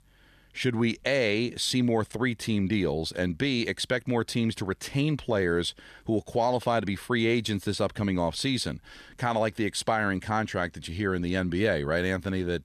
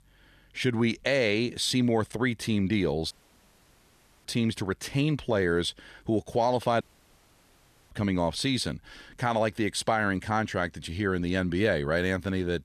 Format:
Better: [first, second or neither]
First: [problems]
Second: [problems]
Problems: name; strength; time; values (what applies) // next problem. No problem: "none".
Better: first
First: none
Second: audio cutting out; at 3 s for 1 s and at 7 s for 1 s